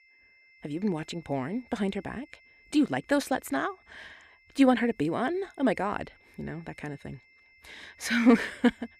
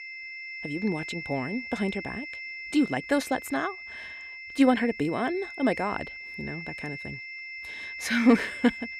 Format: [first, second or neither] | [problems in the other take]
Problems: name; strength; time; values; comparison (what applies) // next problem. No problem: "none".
first | high-pitched whine; loud; throughout; 2 kHz, 10 dB below the speech; faint in the first